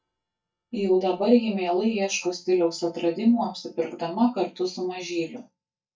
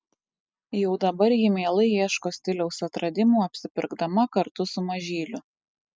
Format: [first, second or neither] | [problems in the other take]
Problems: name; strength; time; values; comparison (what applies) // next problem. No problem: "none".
second | noise reduction (neural mask model DeepFilterNet 3)